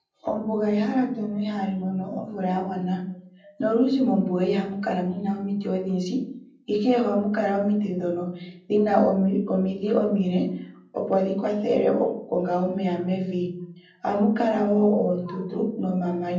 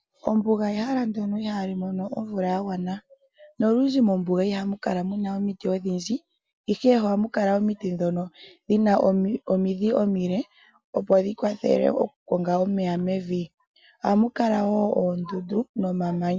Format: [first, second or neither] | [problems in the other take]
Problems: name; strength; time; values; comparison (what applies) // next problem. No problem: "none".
second | room echo; dies away in 0.6 s